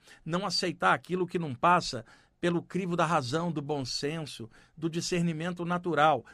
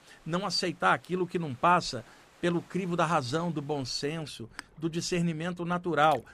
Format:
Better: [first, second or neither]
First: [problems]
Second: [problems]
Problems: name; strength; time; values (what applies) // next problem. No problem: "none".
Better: first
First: none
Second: rain or running water; faint; throughout; 25 dB below the speech